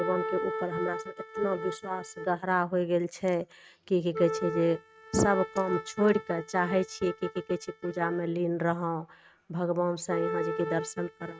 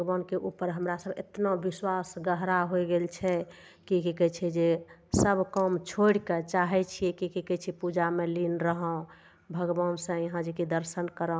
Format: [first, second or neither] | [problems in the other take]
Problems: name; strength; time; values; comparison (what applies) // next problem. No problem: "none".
second | noise reduction (neural mask model RNNoise)